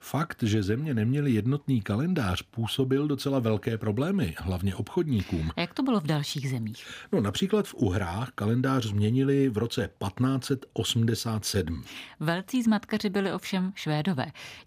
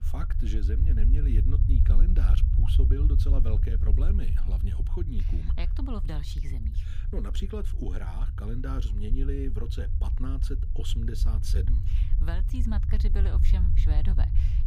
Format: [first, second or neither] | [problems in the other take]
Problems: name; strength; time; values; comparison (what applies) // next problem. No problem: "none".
first | low rumble; loud; throughout; 4 dB below the speech